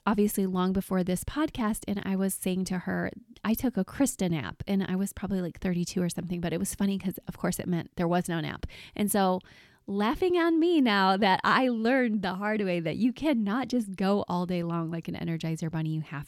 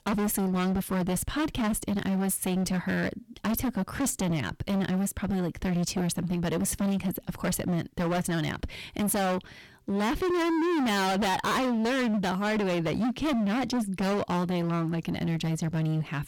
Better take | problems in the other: first | distortion; heavy; 32% of the sound clipped

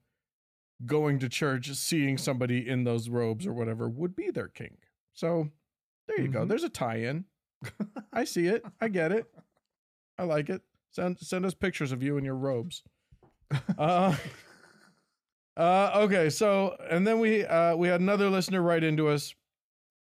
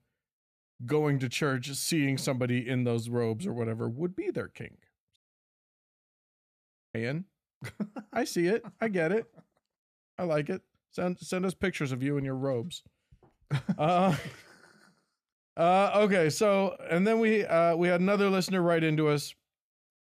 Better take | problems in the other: first | audio cutting out; at 5 s for 2 s

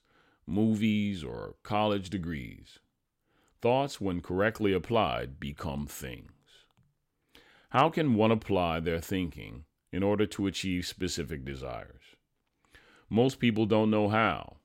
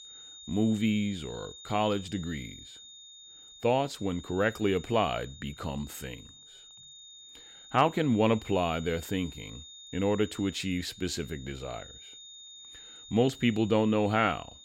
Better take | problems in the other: first | high-pitched whine; noticeable; throughout; 3.5 kHz, 15 dB below the speech

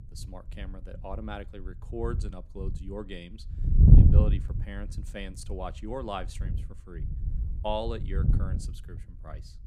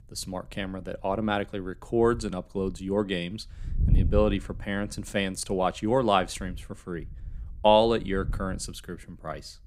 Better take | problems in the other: second | wind noise on the microphone; heavy; as loud as the speech; occasional gusts in the second

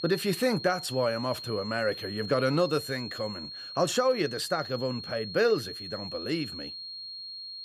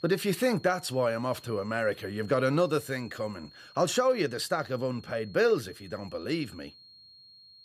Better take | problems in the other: second | high-pitched whine; loud; throughout; 4.5 kHz, 9 dB below the speech; faint in the second

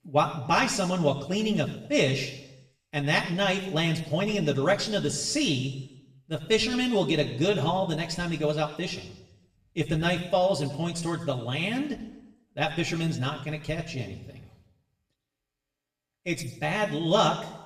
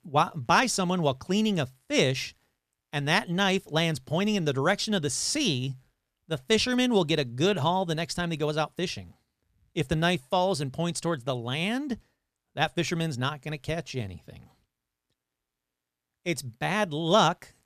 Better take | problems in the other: second | room echo; slight; dies away in 0.8 s // off-mic speech; somewhat distant

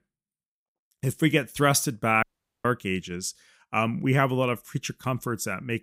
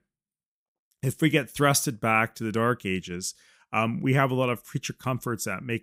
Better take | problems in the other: second | audio cutting out; at 2 s

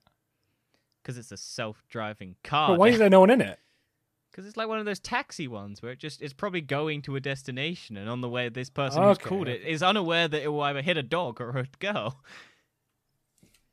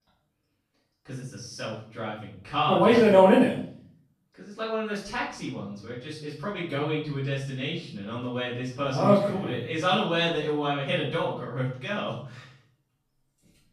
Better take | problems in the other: first | off-mic speech; far // room echo; noticeable; dies away in 0.5 s

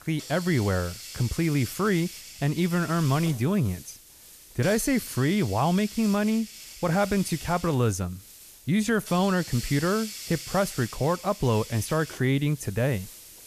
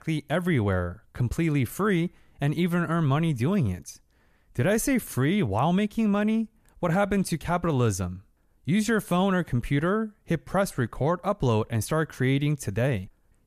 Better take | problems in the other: second | hiss; noticeable; throughout; 15 dB below the speech

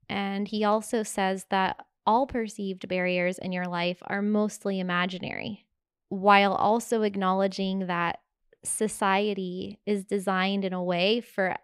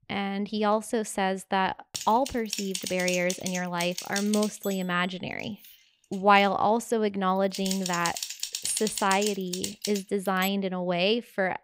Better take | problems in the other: first | keyboard typing; noticeable; from 2 to 10 s; peak 3 dB below the speech

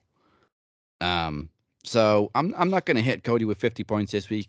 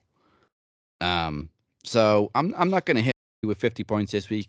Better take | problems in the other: first | audio cutting out; at 3 s

